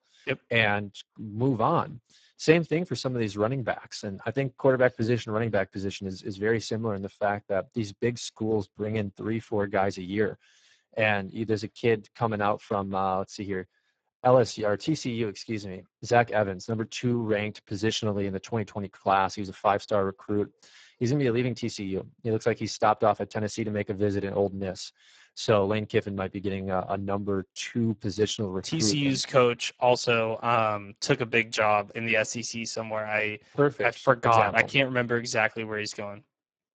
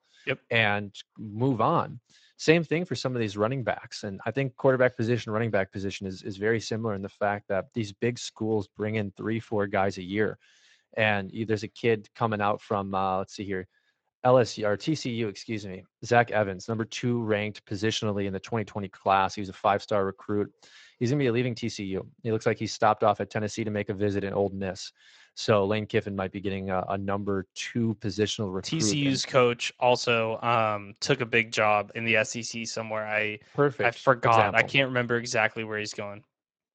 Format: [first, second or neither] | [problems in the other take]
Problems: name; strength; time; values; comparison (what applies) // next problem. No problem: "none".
second | garbled, watery; badly; nothing above 7.5 kHz; slightly in the second